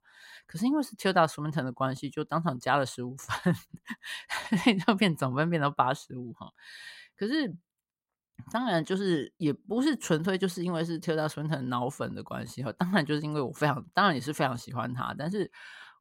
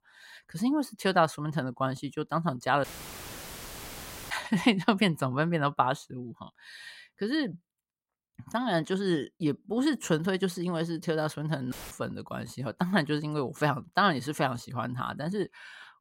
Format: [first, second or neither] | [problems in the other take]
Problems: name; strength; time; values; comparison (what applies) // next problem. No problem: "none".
first | audio cutting out; filled with static; at 3 s for 1.5 s and at 12 s